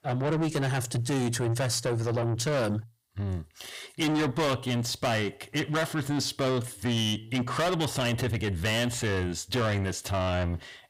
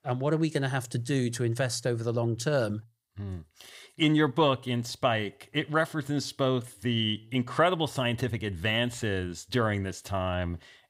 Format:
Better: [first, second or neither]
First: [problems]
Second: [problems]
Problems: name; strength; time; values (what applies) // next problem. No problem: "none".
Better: second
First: distortion; heavy; 6 dB below the speech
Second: none